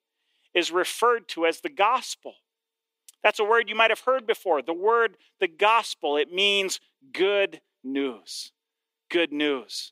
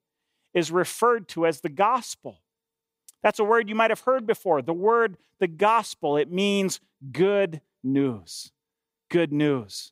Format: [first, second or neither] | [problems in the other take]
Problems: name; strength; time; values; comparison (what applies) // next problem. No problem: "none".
second | thin; somewhat; fading below 300 Hz